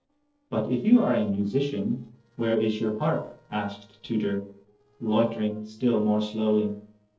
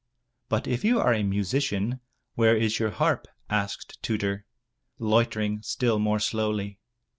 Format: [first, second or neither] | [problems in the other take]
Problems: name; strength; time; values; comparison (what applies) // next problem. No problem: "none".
second | noise reduction (neural separator model SepFormer DNS4)